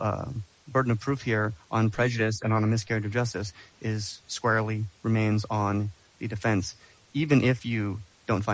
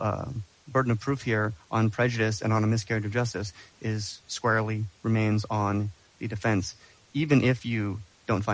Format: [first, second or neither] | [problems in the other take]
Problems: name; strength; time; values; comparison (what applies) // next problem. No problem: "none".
second | noise reduction (neural mask model Resemble Enhance denoiser)